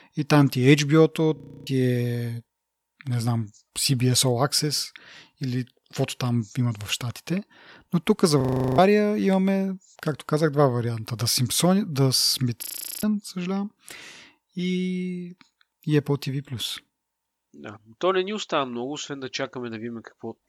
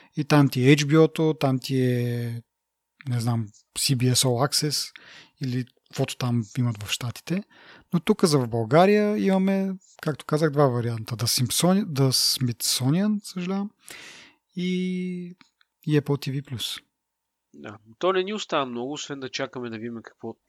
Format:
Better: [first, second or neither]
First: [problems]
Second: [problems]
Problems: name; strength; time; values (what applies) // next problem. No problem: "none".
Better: second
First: audio freezing; at 1.5 s, at 8.5 s and at 13 s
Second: none